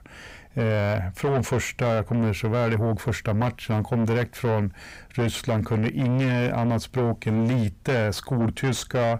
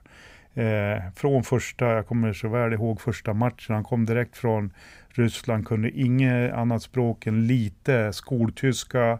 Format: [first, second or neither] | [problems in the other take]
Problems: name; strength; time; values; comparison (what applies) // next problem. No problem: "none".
second | distortion; heavy; 8 dB below the speech